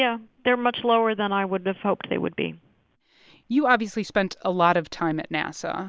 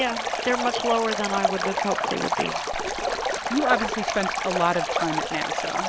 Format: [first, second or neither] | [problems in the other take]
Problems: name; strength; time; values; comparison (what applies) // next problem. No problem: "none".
first | background sound (Stream); as loud as the speech